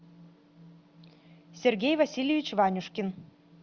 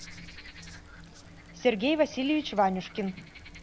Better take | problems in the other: first | background sound (Frog); 18 dB below the speech

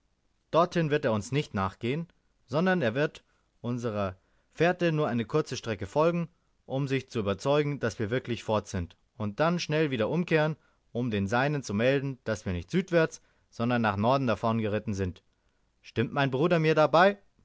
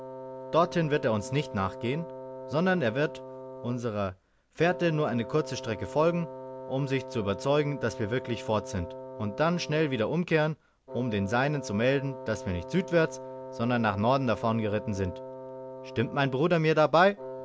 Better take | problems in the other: first | background sound (Wind instrument, woodwind instrument); 13 dB below the speech

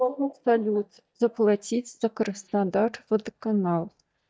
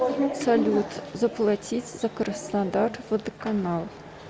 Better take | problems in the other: second | noise reduction (neural mask model DeepFilterNet 3)

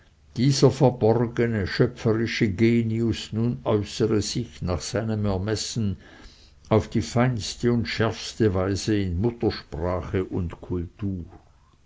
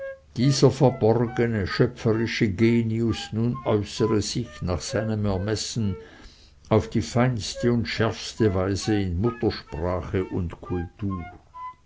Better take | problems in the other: first | background sound (Wind instrument, woodwind instrument); 19 dB below the speech

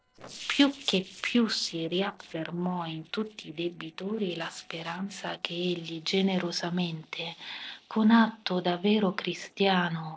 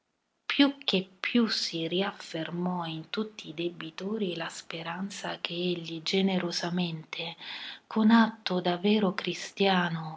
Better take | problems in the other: second | noise reduction (neural separator model SepFormer DNS4)

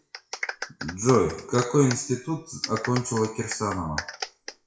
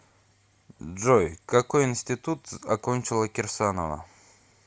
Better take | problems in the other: second | noise reduction (classical method WPE with log-MMSE)

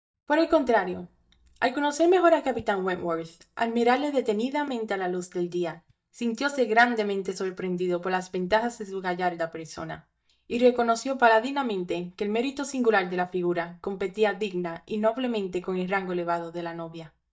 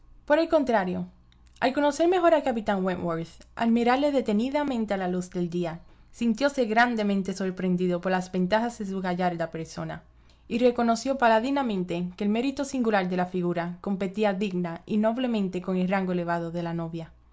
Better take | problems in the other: second | noise reduction (neural mask model DeepFilterNet 3)

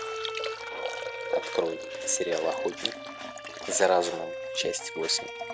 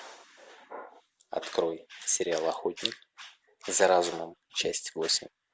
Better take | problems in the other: second | background sound (Bowed string instrument + Liquid); 4 dB below the speech

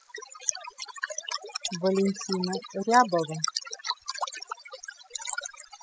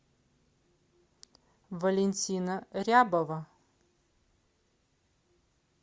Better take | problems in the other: second | noise reduction (classical method spectral subtraction)

